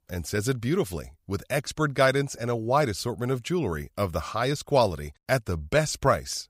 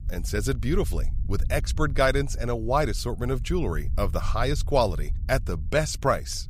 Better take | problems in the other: first | low rumble; faint; throughout; 25 dB below the speech

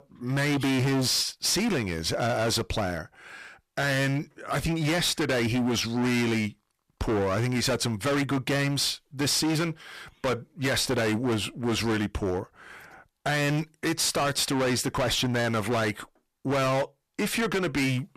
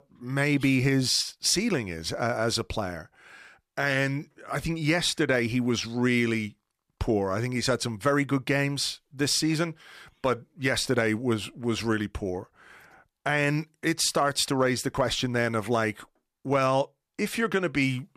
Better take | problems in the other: second | distortion; heavy; 24% of the sound clipped

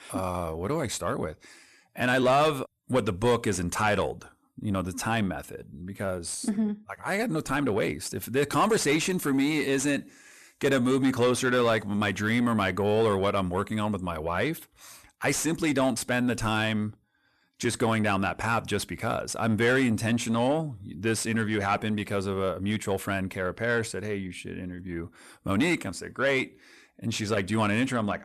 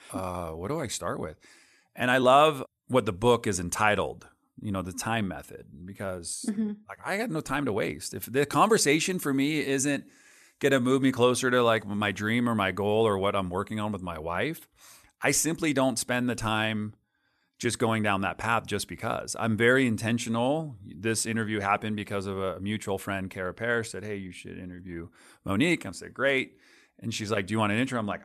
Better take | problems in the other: second | distortion; slight; 10 dB below the speech

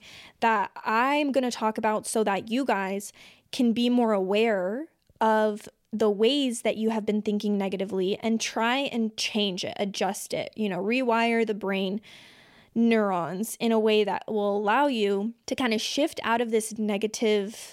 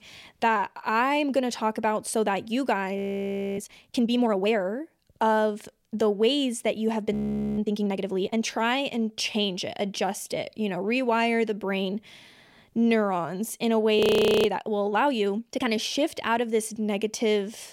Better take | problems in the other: first | audio freezing; at 3 s for 0.5 s, at 7 s and at 14 s

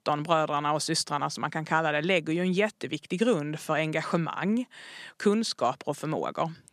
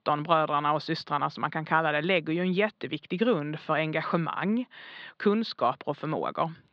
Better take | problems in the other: first | muffled; slightly; fading above 4 kHz

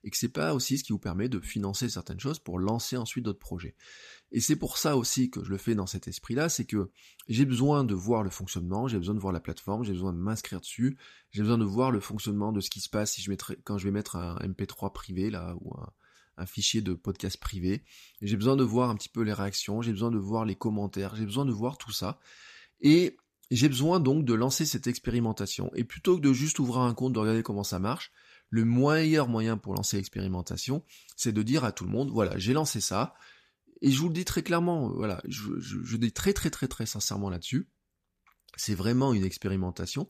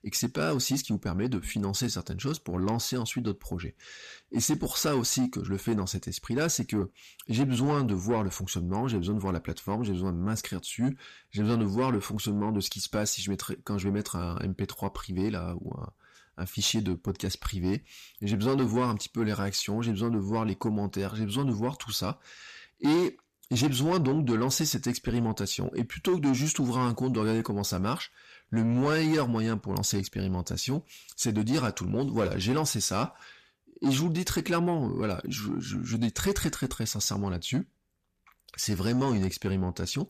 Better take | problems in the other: first | distortion; slight; 10 dB below the speech

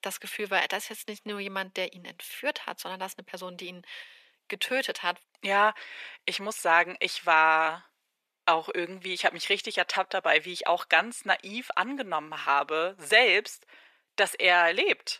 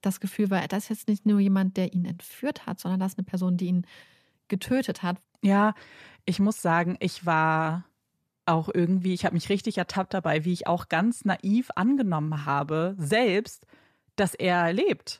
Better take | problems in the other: second | thin; very; fading below 450 Hz

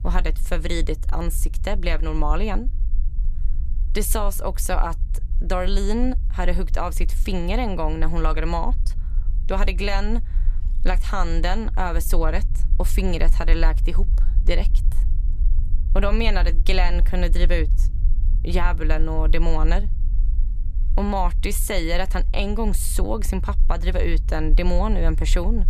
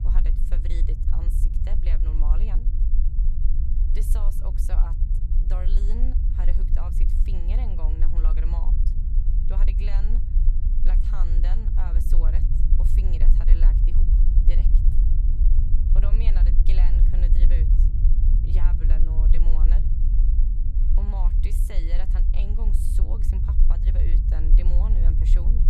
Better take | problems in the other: first | low rumble; loud; throughout; 1 dB below the speech; faint in the first

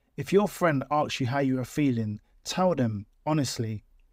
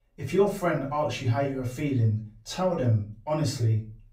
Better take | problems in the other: first | off-mic speech; far // room echo; slight; dies away in 0.3 s

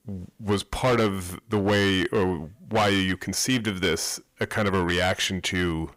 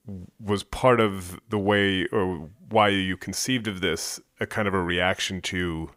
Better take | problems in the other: second | distortion; heavy; 8% of the sound clipped

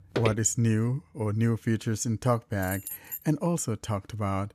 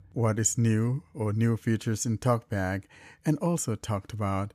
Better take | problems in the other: second | footsteps; noticeable; at the start; peak 4 dB below the speech // jangling keys; noticeable; at 2.5 s; peak 8 dB below the speech

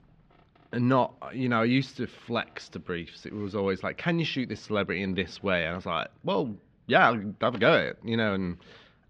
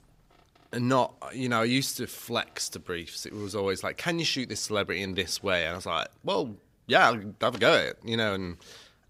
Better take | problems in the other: second | muffled; slightly; fading above 3 kHz

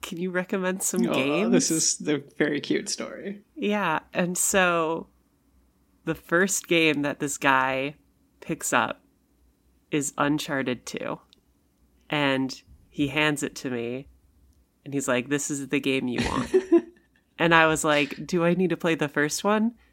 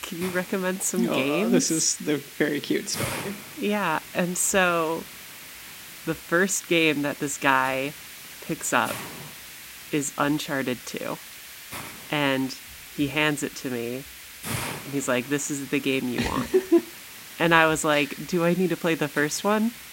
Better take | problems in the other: first | hiss; noticeable; throughout; 15 dB below the speech

